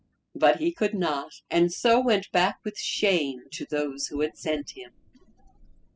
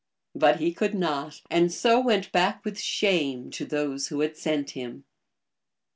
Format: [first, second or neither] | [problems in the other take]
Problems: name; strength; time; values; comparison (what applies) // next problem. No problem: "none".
second | noise reduction (classical method spectral subtraction)